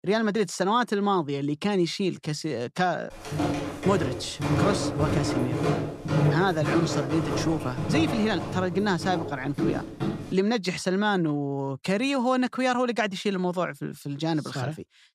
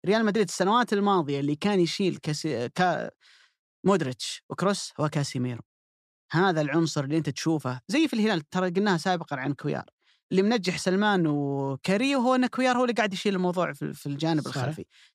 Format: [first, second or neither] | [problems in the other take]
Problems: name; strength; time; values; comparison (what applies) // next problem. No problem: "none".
second | footsteps; loud; from 3.5 to 10 s; peak 3 dB above the speech